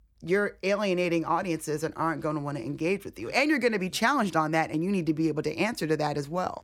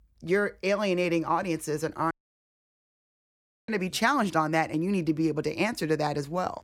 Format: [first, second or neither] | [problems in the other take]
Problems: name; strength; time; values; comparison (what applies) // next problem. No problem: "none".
first | audio cutting out; at 2 s for 1.5 s